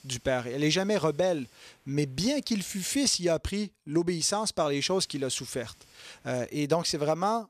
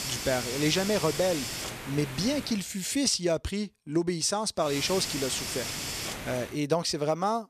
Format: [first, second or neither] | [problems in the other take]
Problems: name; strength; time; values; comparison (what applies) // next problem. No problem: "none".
first | hiss; loud; until 2.5 s and from 4.5 to 6.5 s; 5 dB below the speech; faint in the first